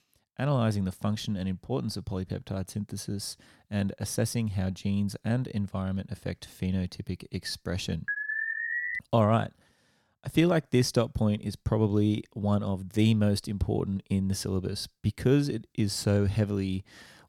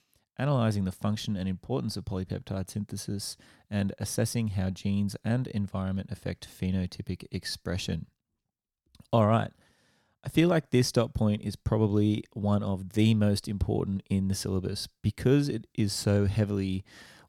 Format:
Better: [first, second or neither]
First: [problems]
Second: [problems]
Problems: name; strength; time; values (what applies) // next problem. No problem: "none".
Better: second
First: alarm; noticeable; at 8 s; peak level with the speech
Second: none